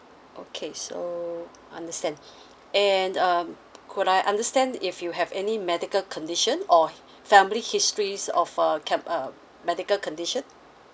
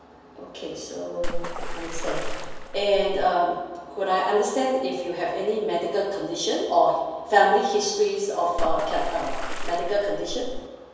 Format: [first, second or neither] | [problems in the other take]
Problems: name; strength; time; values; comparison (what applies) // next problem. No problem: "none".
first | background sound (Water / Splash, splatter); 3 dB below the speech // room echo; dies away in 1.2 s